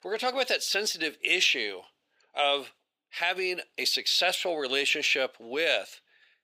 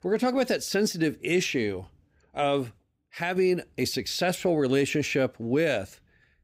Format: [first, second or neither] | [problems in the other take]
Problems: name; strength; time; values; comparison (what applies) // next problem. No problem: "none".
second | thin; very; fading below 650 Hz